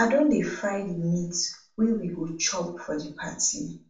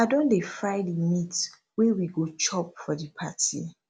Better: second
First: room echo; dies away in 0.4 s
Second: none

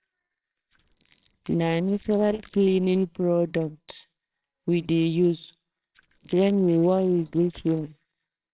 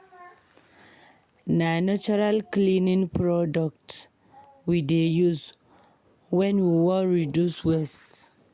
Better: second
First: noise reduction (neural separator model SepFormer WHAMR!)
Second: none

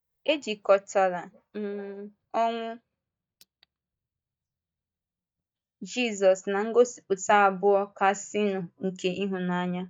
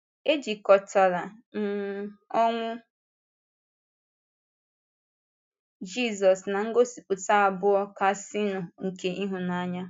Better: second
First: noise reduction (neural mask model DeepFilterNet 3)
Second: none

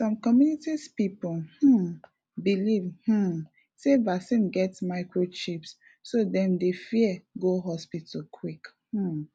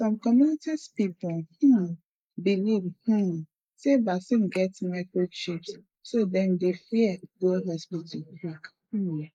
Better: first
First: none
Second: noise reduction (neural mask model Resemble Enhance denoiser)

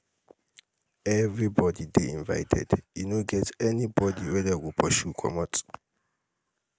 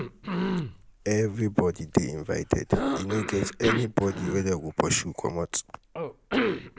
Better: first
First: none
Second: background sound (Cough); 4 dB below the speech

